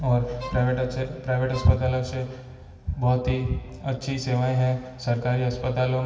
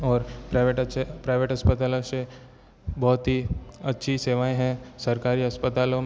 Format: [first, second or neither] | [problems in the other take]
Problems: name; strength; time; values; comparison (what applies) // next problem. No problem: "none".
second | background sound (Bowed string instrument); 17 dB below the speech // room echo; dies away in 2.1 s